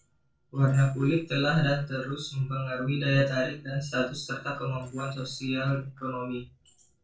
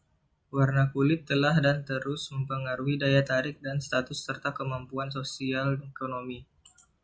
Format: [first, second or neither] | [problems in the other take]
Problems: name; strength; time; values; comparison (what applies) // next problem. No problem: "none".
second | noise reduction (neural separator model SepFormer DNS4)